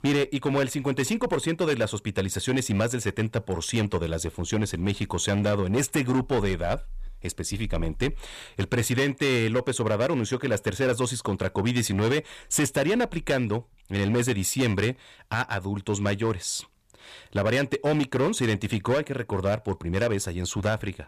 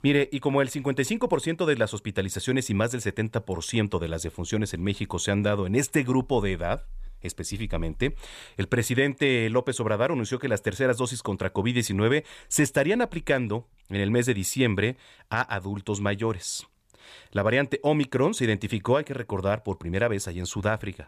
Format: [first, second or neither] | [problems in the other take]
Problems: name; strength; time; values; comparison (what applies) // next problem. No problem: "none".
second | distortion; slight; 10% of the sound clipped